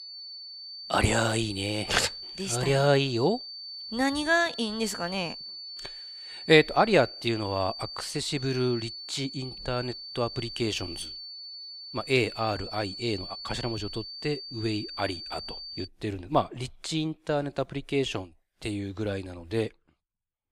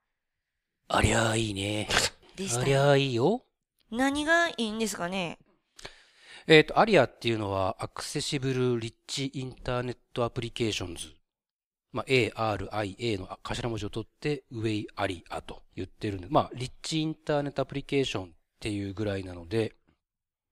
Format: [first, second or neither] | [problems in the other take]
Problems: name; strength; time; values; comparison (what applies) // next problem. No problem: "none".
second | high-pitched whine; loud; until 16 s; 4.5 kHz, 10 dB below the speech